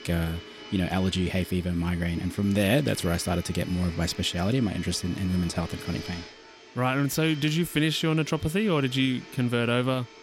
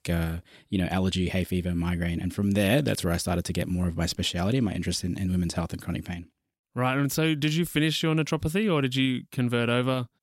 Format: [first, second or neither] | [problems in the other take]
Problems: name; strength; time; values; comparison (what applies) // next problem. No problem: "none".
second | household noises; noticeable; throughout; 15 dB below the speech